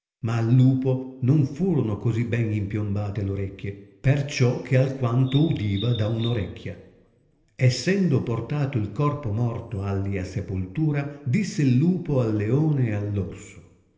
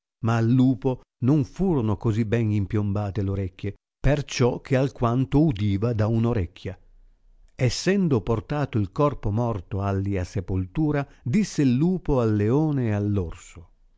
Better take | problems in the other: second | background sound (Bird vocalization, bird call, bird song); 17 dB below the speech // room echo; dies away in 1.4 s

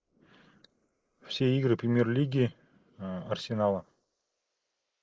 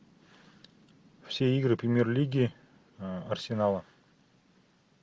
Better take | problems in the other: second | noise reduction (neural mask model Resemble Enhance denoiser)

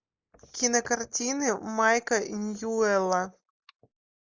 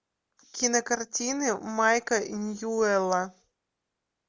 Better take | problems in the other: second | noise reduction (neural mask model Resemble Enhance denoiser)

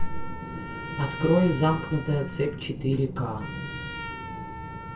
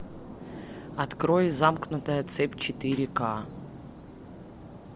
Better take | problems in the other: second | background sound (Trumpet); 13 dB below the speech // room echo; dies away in 0.2 s

